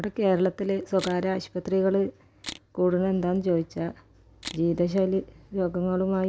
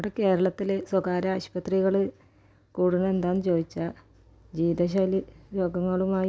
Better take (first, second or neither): second